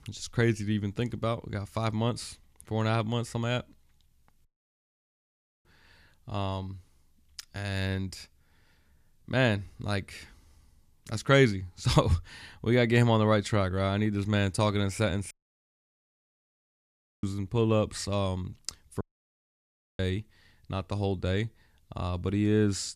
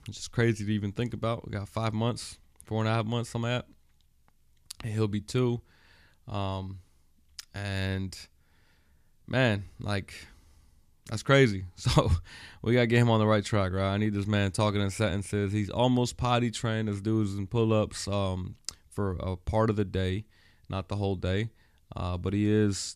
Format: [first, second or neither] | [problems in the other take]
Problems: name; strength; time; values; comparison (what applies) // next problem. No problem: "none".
second | audio cutting out; at 4.5 s for 1 s, at 15 s for 2 s and at 19 s for 1 s